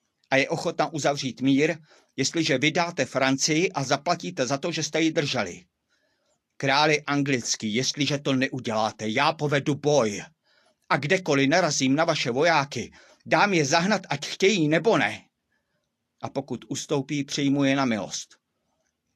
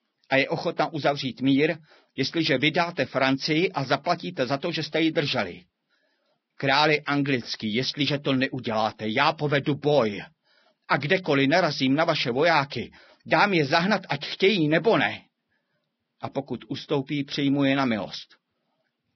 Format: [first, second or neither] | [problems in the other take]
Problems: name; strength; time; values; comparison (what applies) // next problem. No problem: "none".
first | garbled, watery; badly; nothing above 5.5 kHz; slightly in the first